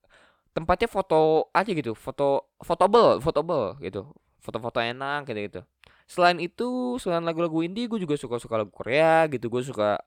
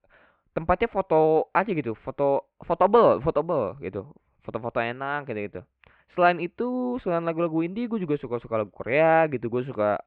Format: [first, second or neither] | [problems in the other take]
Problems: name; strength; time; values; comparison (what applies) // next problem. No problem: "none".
first | muffled; very; fading above 2.5 kHz